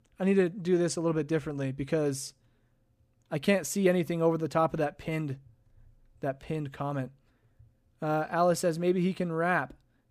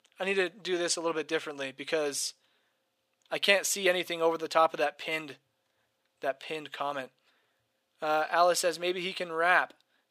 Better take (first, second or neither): first